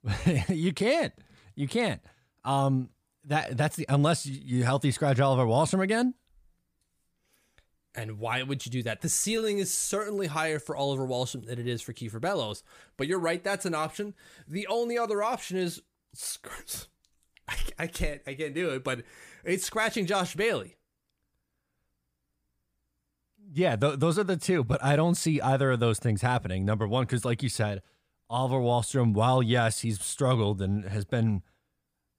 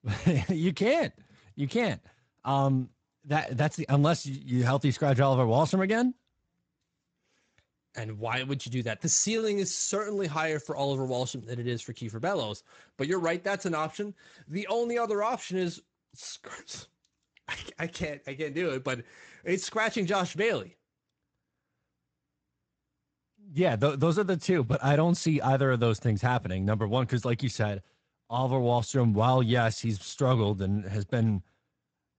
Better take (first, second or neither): first